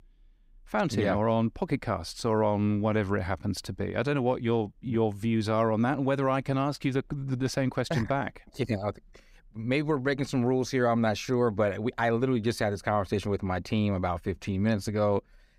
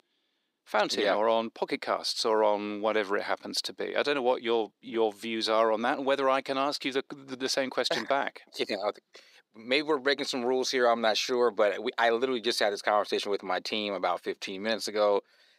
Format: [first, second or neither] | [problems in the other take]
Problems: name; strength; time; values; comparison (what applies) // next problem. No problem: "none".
first | thin; somewhat; fading below 350 Hz